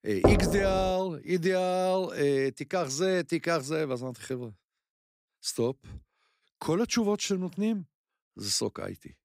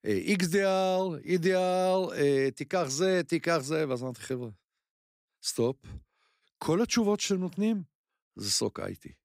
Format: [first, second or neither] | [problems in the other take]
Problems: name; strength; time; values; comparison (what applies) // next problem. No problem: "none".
second | door banging; loud; at the start; peak 5 dB above the speech